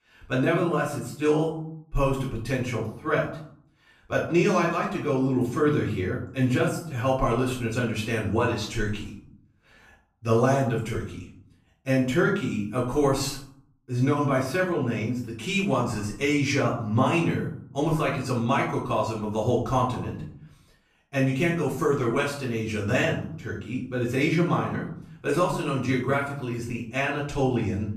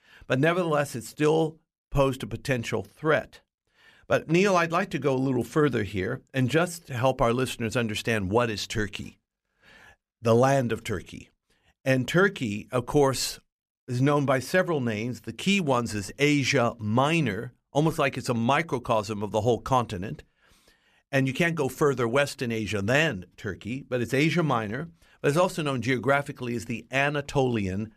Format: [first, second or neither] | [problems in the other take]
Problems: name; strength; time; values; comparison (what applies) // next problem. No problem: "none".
second | off-mic speech; far // room echo; noticeable; dies away in 0.5 s